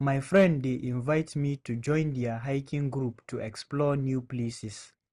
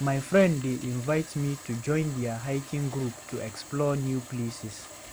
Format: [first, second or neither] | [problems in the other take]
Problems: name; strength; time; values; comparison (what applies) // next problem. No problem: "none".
first | background sound (Toilet flush + Boiling); 16 dB below the speech